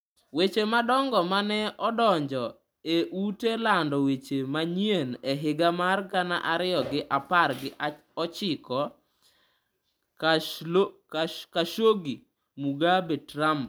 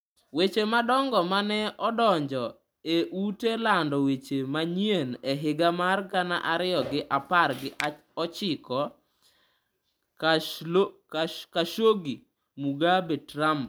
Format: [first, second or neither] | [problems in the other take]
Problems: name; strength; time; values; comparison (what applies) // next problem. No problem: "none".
first | background sound (Finger snapping); 20 dB below the speech